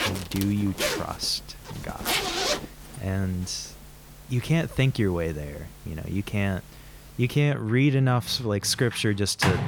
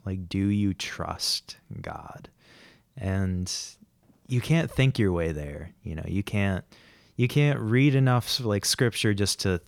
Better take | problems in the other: second | household noises; loud; throughout; 3 dB below the speech

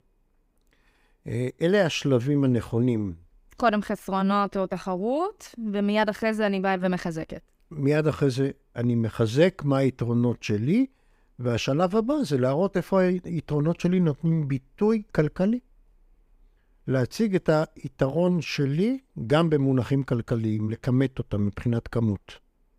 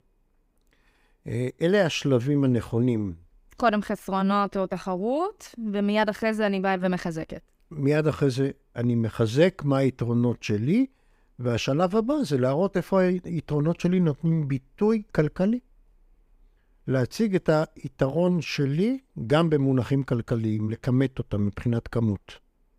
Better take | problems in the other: neither | none

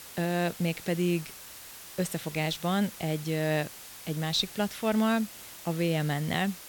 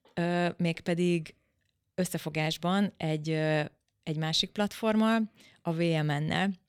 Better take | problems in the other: second | hiss; noticeable; throughout; 15 dB below the speech

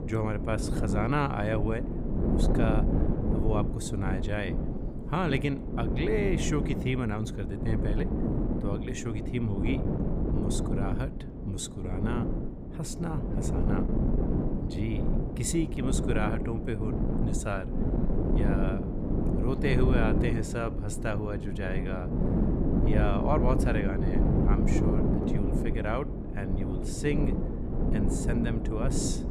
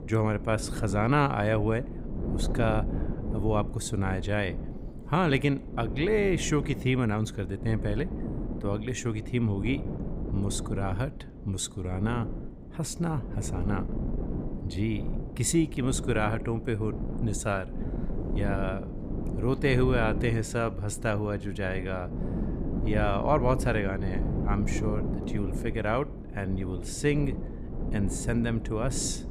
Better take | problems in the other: second | wind noise on the microphone; heavy; 2 dB below the speech; occasional gusts in the second

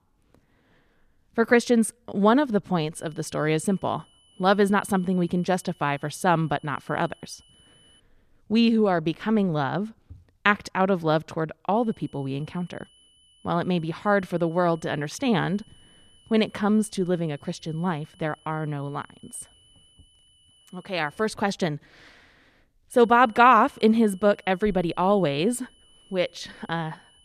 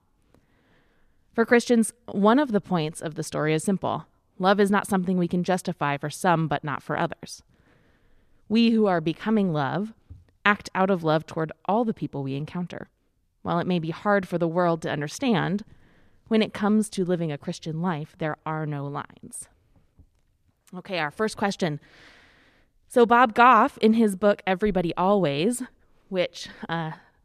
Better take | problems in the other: second | high-pitched whine; faint; from 3 to 8 s, from 12 to 21 s and from 23 s on; 3 kHz, 30 dB below the speech

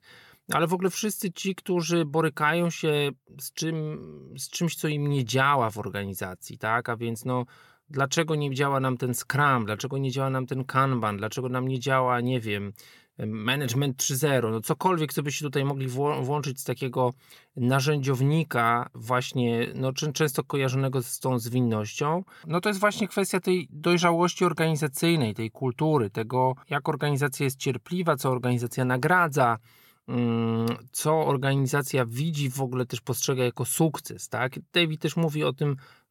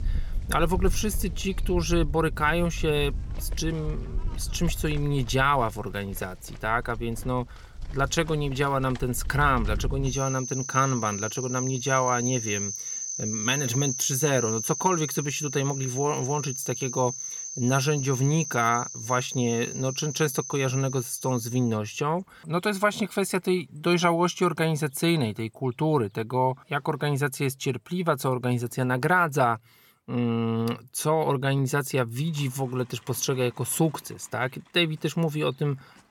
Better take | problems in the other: first | animal sounds; loud; throughout; 7 dB below the speech

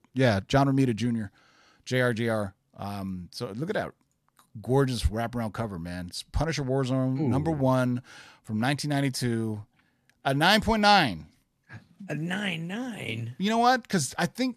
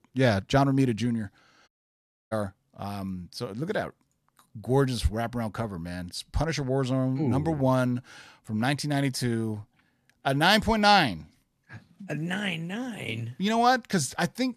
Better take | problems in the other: first | audio cutting out; at 1.5 s for 0.5 s

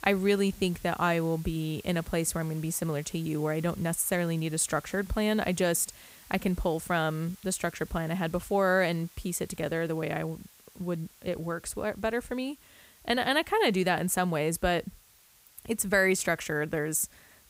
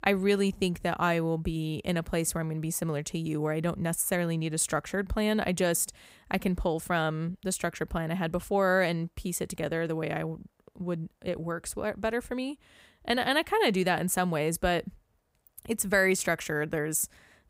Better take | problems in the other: second | hiss; faint; throughout; 25 dB below the speech

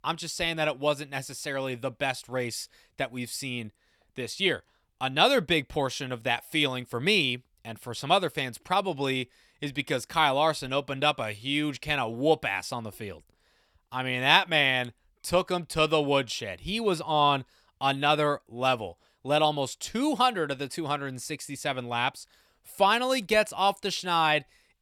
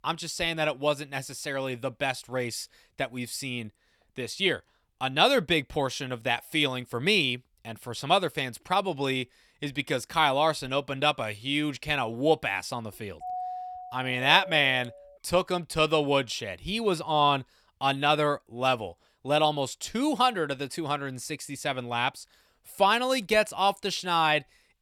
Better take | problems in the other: first | doorbell; noticeable; from 13 to 15 s; peak 8 dB below the speech

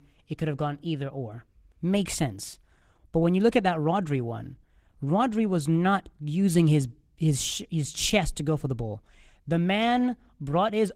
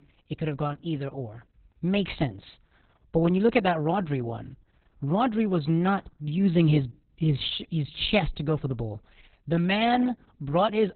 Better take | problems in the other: first | garbled, watery; badly; nothing above 4 kHz; slightly in the first

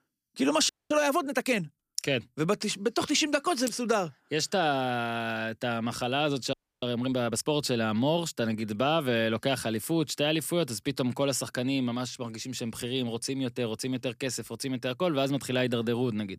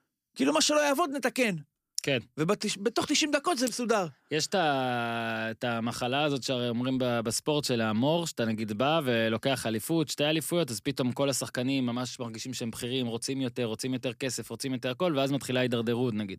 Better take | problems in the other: second | audio freezing; at 0.5 s and at 6.5 s

